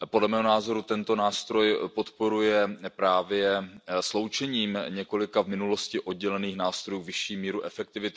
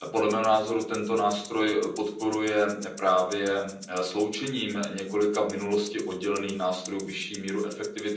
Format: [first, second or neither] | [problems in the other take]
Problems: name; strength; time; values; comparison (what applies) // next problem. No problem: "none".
first | background sound (Rattle (instrument)); 19 dB below the speech // room echo; dies away in 0.6 s